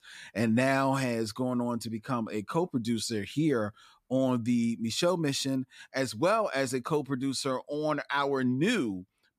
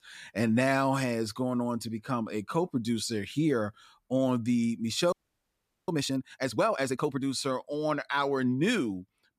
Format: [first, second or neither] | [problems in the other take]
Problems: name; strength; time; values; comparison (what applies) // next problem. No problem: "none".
first | audio freezing; at 5 s for 1 s